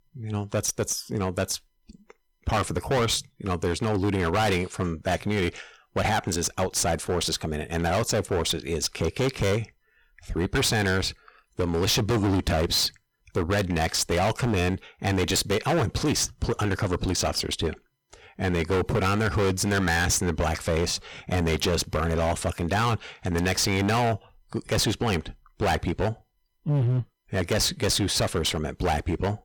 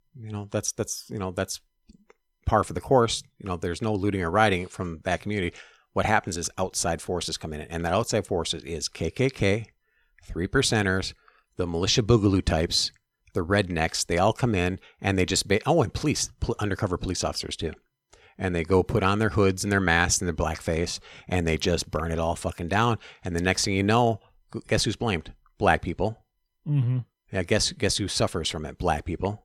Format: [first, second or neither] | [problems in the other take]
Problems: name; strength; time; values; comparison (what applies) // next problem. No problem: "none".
second | distortion; heavy; 18% of the sound clipped